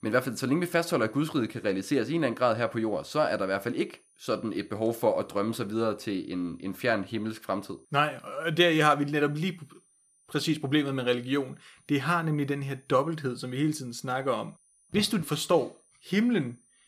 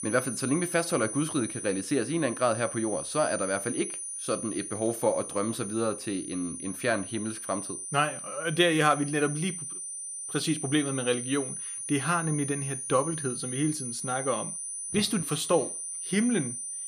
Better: first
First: high-pitched whine; faint; throughout; 9.5 kHz, 35 dB below the speech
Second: high-pitched whine; loud; throughout; 9.5 kHz, 5 dB below the speech

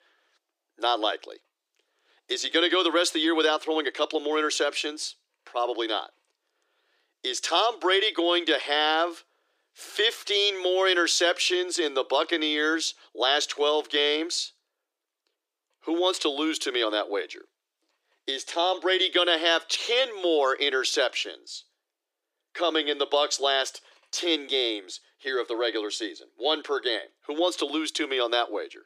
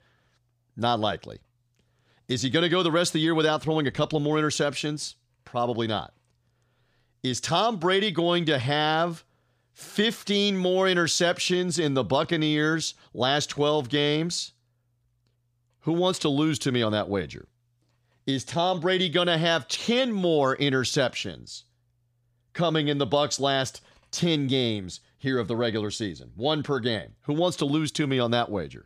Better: second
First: thin; very; fading below 300 Hz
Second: none

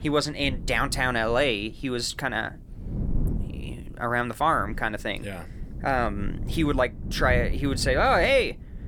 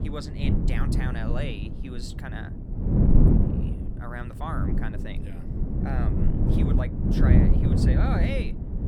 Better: first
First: wind noise on the microphone; occasional gusts; 20 dB below the speech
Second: wind noise on the microphone; heavy; 2 dB above the speech

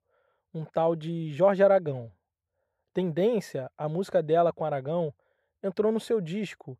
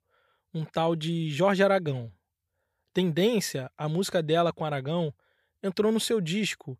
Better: second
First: muffled; very; fading above 2 kHz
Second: none

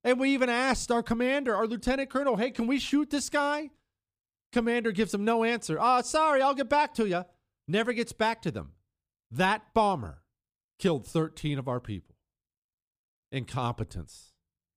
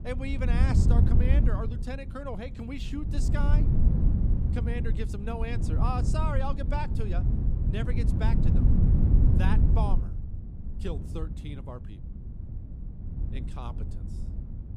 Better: first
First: none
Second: wind noise on the microphone; heavy; 3 dB below the speech

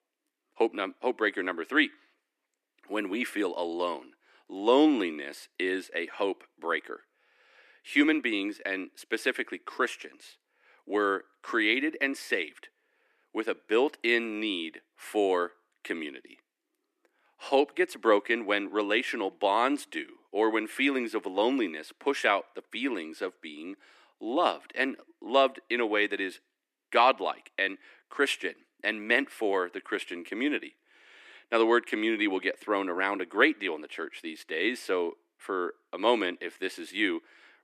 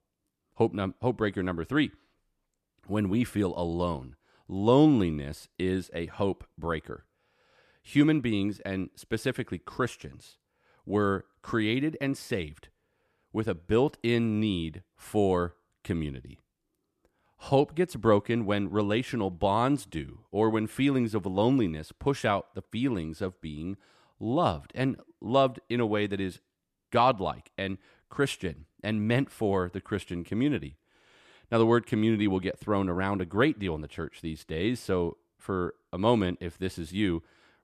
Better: second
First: thin; somewhat; fading below 300 Hz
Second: none

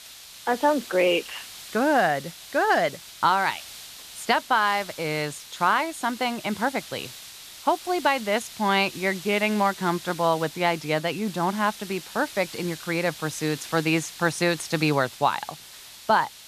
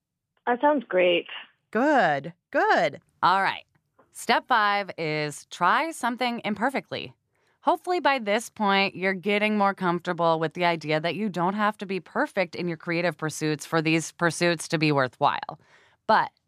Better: second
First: hiss; noticeable; throughout; 15 dB below the speech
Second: none

